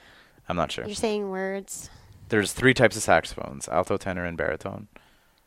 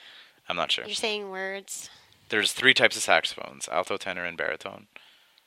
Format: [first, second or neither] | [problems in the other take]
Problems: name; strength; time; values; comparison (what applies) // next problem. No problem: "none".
first | thin; somewhat; fading below 1 kHz